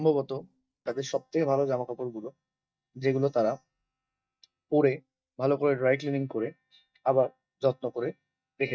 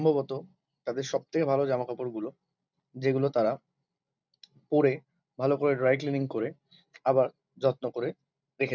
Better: second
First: noise reduction (neural mask model DeepFilterNet 3)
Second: none

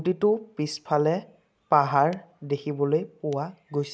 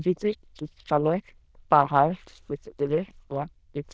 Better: first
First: none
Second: noise reduction (neural diffusion model UNIVERSE++)

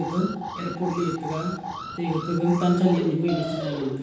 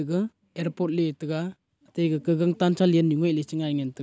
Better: second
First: background sound (Alarm); 8 dB below the speech // room echo; dies away in 0.9 s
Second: none

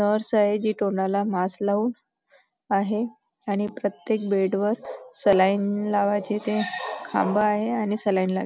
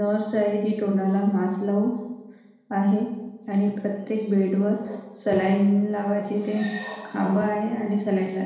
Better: first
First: none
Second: room echo; dies away in 1.1 s

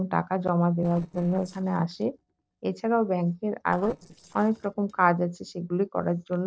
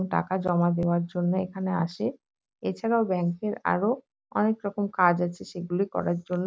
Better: second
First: noise reduction (neural separator model SepFormer DNS4)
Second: none

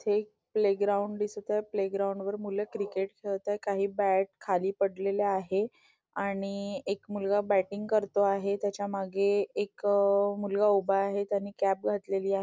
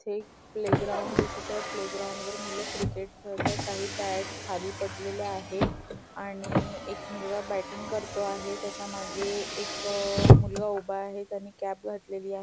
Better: first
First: none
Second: background sound (Car); 5 dB above the speech

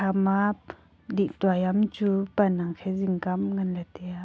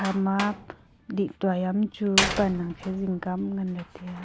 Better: first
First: none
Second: background sound (Slam); 6 dB below the speech

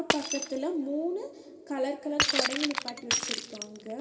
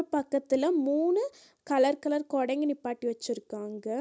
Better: second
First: background sound (Shatter); 1 dB above the speech // room echo; dies away in 2.3 s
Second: none

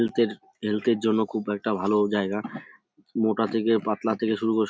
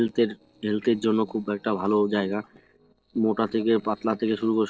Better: first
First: none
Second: noise reduction (neural separator model SepFormer DNS4)

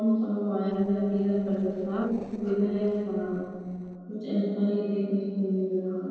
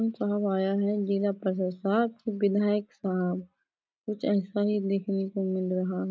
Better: second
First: noise reduction (neural separator model SepFormer DNS4)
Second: none

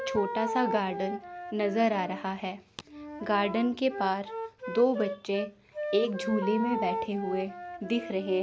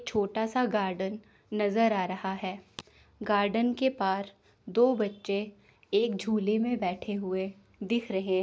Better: second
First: background sound (Wind instrument, woodwind instrument); 7 dB below the speech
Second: none

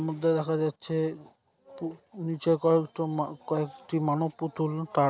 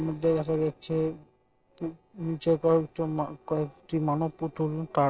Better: first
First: none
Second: noise reduction (neural separator model SepFormer DNS4)

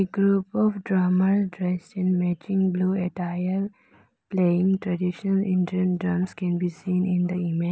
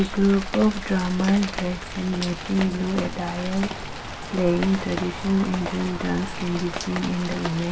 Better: first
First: none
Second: background sound (Rain); 7 dB below the speech // room echo; dies away in 0.2 s

